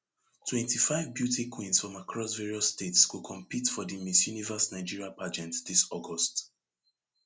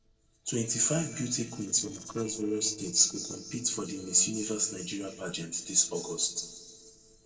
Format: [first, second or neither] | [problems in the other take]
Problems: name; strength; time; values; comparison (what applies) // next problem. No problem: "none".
first | noise reduction (neural separator model SepFormer DNS4)